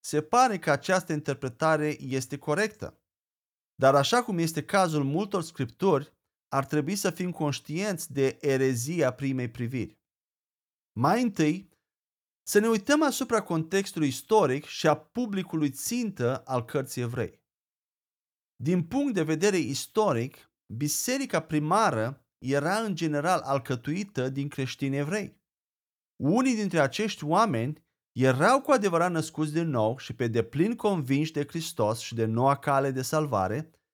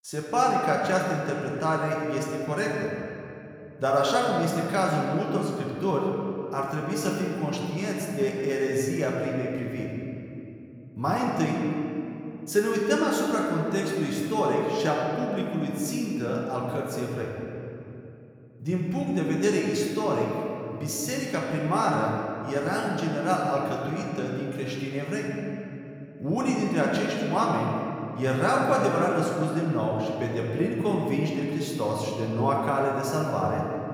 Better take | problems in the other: first | room echo; noticeable; dies away in 2.5 s // off-mic speech; somewhat distant

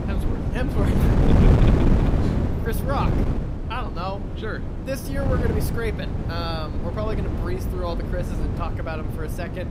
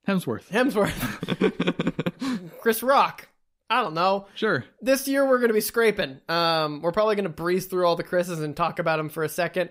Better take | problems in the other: second | wind noise on the microphone; heavy; as loud as the speech

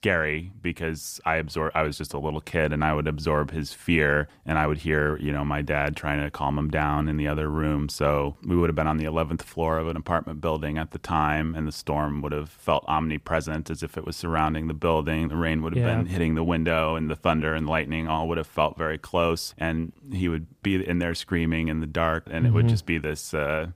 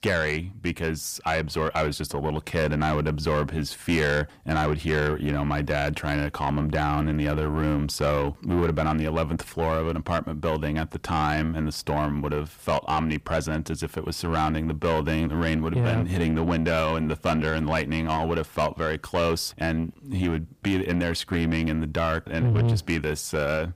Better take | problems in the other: first | distortion; slight; 10 dB below the speech

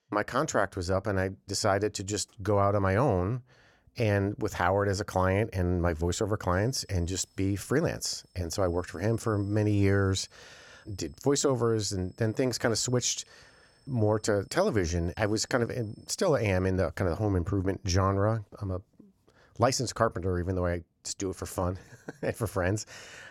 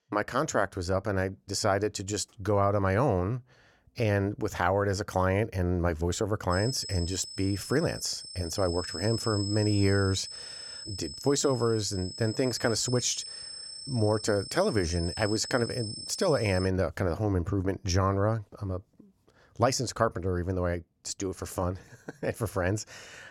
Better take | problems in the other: first | high-pitched whine; loud; from 6.5 to 17 s; 5 kHz, 9 dB below the speech; faint in the first

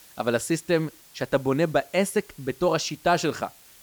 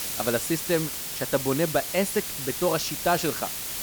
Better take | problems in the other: first | hiss; loud; throughout; 2 dB below the speech; faint in the first

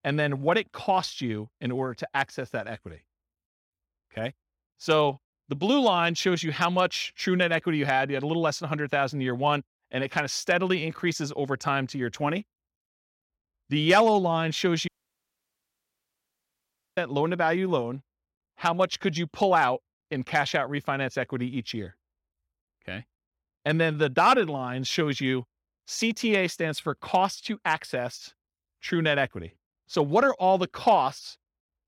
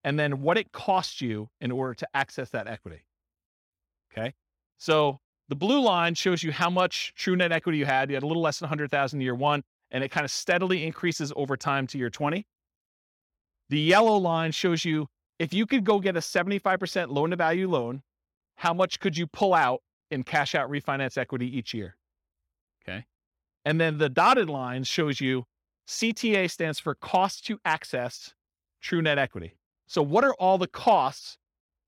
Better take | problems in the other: second | audio cutting out; at 15 s for 2 s

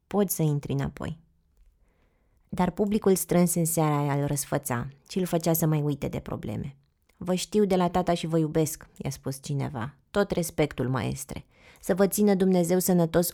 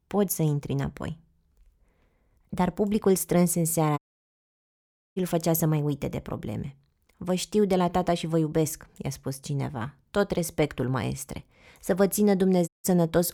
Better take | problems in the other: first | audio cutting out; at 4 s for 1 s and at 13 s

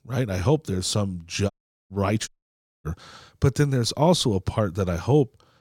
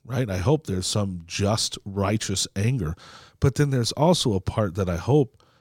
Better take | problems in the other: second | audio cutting out; at 1.5 s and at 2.5 s for 0.5 s

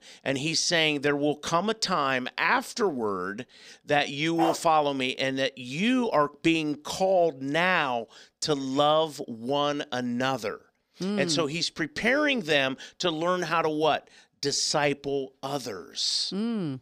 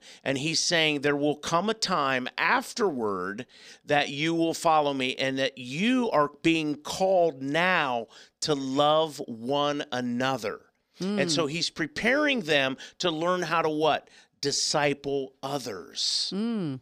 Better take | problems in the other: second | dog barking; noticeable; at 4.5 s; peak 3 dB below the speech

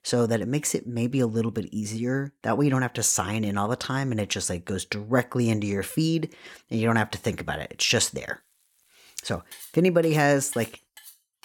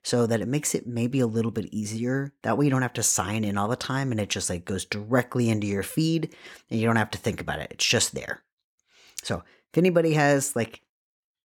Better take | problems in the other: second | household noises; noticeable; throughout; 20 dB below the speech

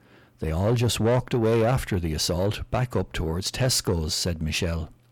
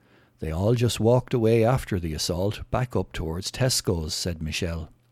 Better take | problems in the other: second | distortion; slight; 10 dB below the speech

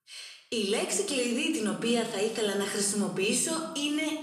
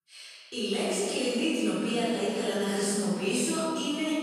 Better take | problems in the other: first | room echo; strong; dies away in 2.2 s; slight in the first // off-mic speech; far; somewhat distant in the first

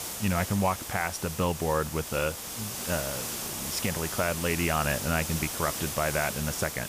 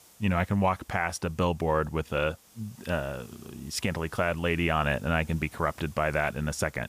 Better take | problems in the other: second | hiss; loud; throughout; 4 dB below the speech; faint in the second

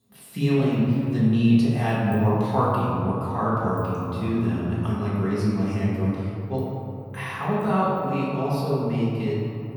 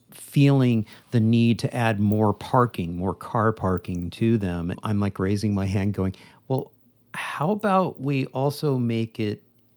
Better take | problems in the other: second | off-mic speech; far // room echo; strong; dies away in 2.7 s

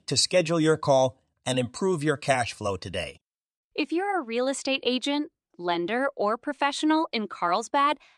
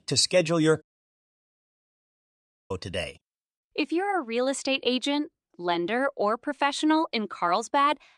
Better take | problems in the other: first | audio cutting out; at 1 s for 2 s

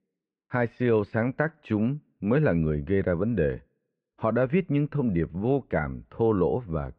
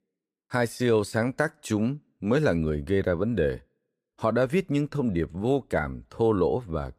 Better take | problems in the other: second | muffled; very; fading above 2.5 kHz

